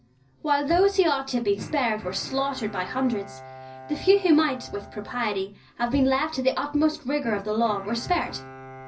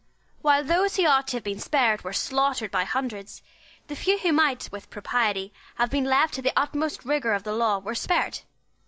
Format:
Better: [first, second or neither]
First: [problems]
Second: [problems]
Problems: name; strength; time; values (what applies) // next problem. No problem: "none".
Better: second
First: background sound (Bowed string instrument); 19 dB below the speech // room echo; dies away in 0.4 s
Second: none